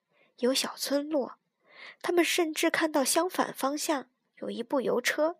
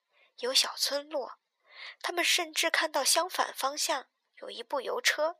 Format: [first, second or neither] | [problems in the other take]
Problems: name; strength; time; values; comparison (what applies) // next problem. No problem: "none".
first | thin; very; fading below 750 Hz